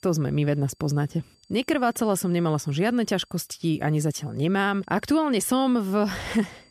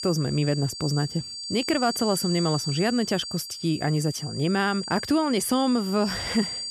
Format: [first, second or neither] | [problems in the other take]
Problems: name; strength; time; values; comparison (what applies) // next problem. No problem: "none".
first | high-pitched whine; loud; throughout; 4.5 kHz, 7 dB below the speech; faint in the first